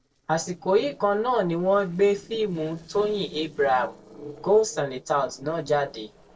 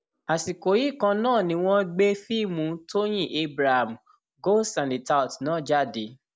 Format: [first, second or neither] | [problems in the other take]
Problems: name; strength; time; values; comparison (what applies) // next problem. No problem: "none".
second | noise reduction (neural separator model SepFormer DNS4)